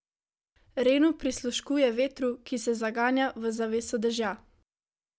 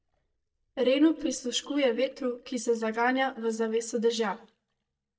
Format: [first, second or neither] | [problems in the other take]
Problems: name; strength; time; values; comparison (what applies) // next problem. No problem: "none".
first | noise reduction (neural mask model DeepFilterNet 3)